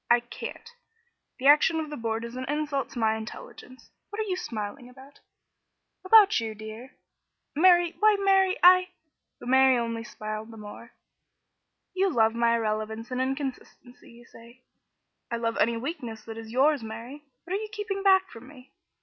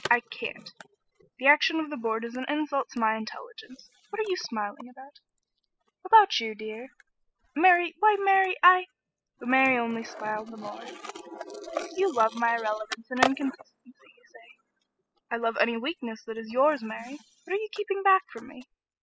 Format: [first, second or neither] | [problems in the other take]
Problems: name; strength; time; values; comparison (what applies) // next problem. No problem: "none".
first | noise reduction (classical method spectral subtraction)